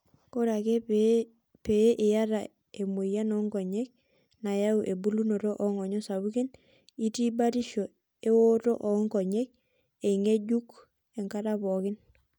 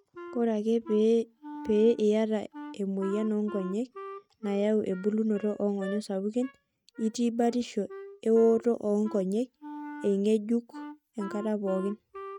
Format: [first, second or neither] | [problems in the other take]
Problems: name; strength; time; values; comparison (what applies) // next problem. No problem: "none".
first | noise reduction (neural mask model RNNoise)